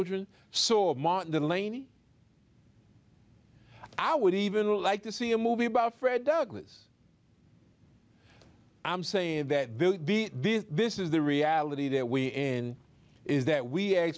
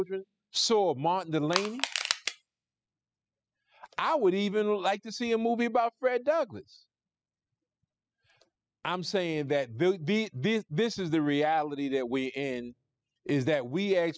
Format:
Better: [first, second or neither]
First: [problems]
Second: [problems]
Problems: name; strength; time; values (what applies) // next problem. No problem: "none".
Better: first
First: none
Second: noise reduction (classical method spectral subtraction)